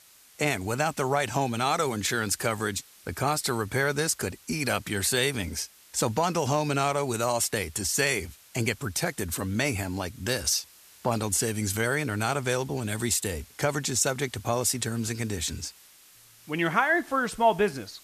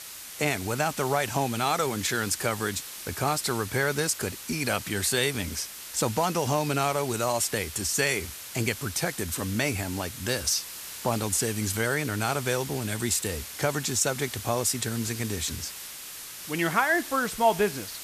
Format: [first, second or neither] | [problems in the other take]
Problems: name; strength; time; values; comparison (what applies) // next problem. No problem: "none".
first | hiss; loud; throughout; 10 dB below the speech; faint in the first